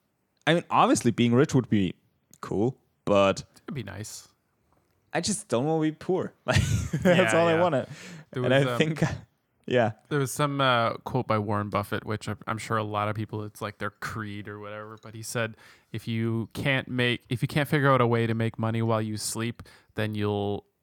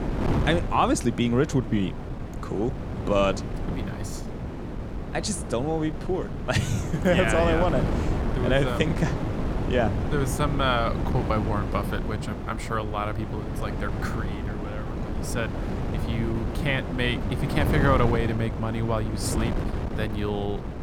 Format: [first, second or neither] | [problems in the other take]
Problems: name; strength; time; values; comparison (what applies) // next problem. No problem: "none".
first | wind noise on the microphone; heavy; 8 dB below the speech